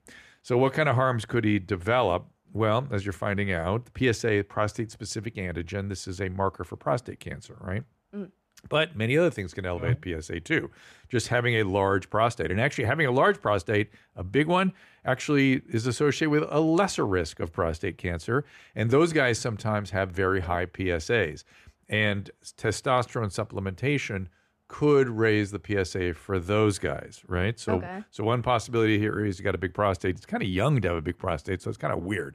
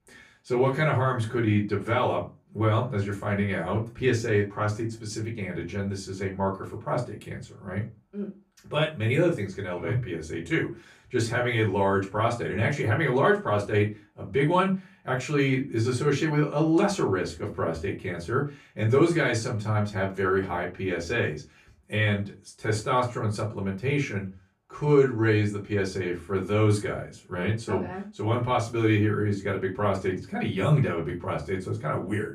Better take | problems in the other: first | off-mic speech; far // room echo; very slight; dies away in 0.2 s

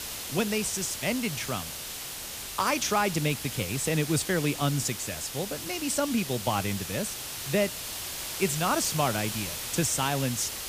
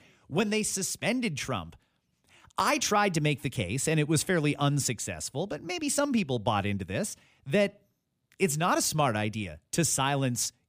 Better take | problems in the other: second | hiss; loud; throughout; 5 dB below the speech

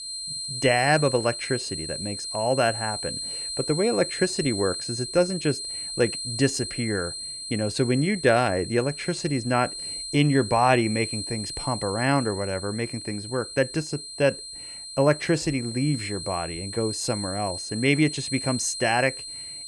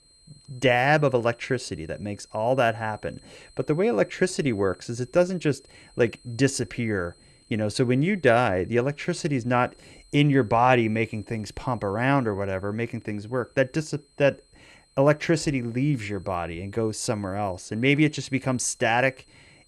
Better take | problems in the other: second | high-pitched whine; loud; throughout; 4 kHz, 7 dB below the speech; faint in the second

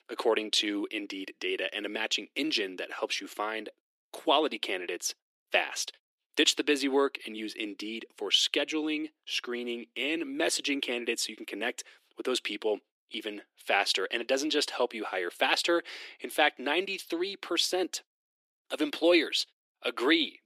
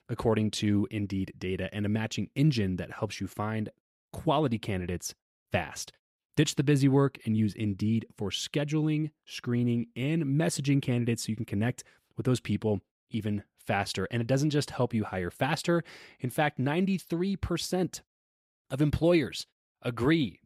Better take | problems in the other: second | thin; somewhat; fading below 300 Hz

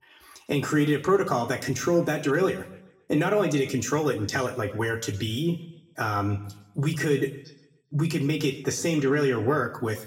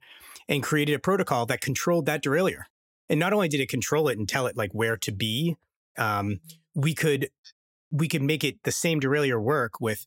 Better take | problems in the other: second | room echo; slight; dies away in 0.6 s // off-mic speech; somewhat distant

